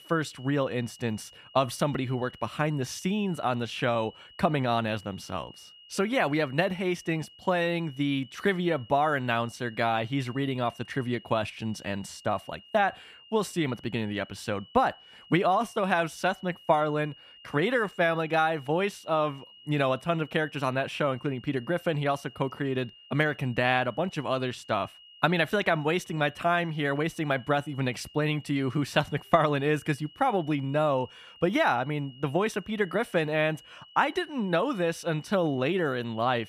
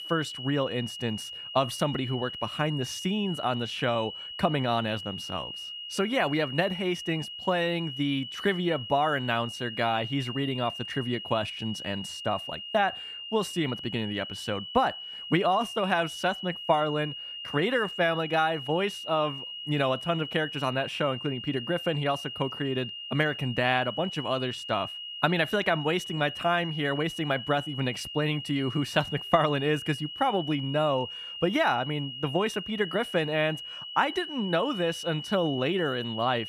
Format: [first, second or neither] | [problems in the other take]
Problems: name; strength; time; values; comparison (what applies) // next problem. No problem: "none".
first | high-pitched whine; loud; throughout; 3 kHz, 8 dB below the speech; faint in the first